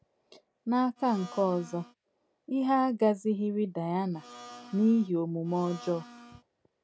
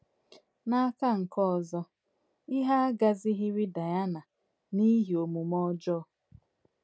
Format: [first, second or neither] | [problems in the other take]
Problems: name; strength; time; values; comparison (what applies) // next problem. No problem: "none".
second | background sound (Domestic sounds, home sounds); 18 dB below the speech